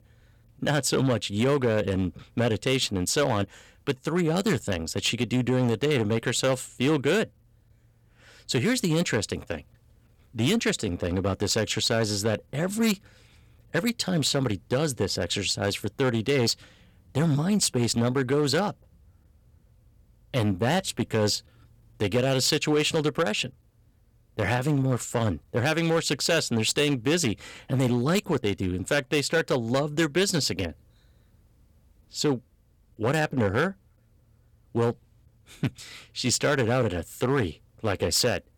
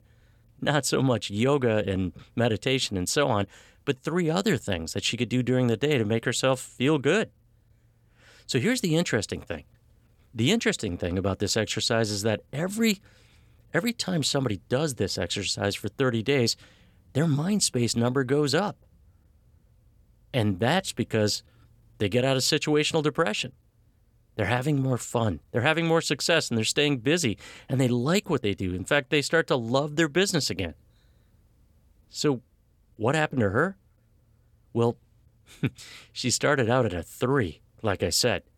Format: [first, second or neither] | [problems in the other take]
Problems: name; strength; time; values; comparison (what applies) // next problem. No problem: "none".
second | distortion; slight; 5% of the sound clipped